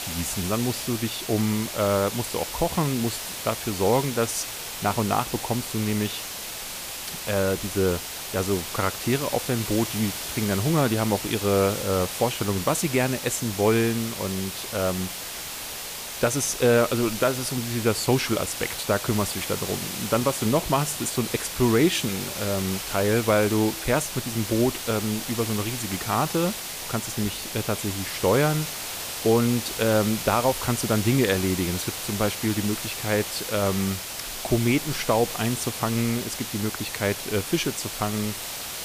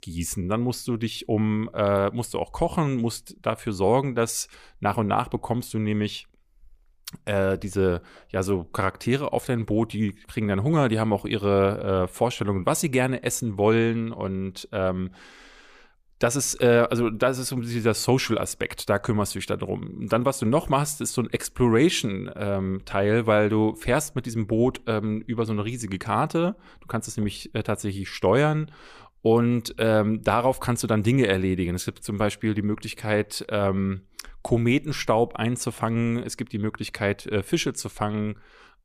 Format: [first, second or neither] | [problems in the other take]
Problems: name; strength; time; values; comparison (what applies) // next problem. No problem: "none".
second | hiss; loud; throughout; 5 dB below the speech